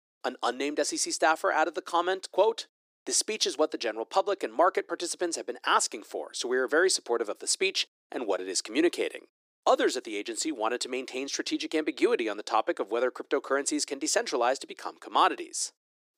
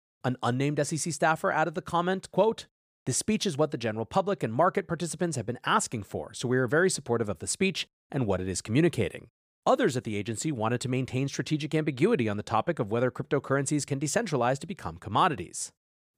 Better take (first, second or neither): second